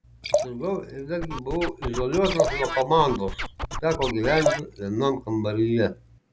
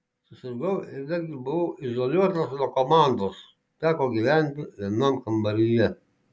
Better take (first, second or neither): second